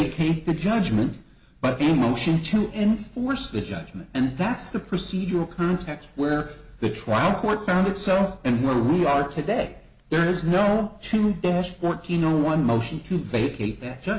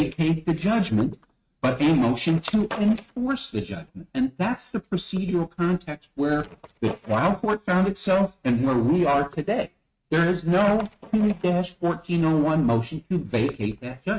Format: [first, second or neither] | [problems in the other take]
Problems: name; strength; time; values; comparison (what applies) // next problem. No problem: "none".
first | noise reduction (neural mask model RNNoise)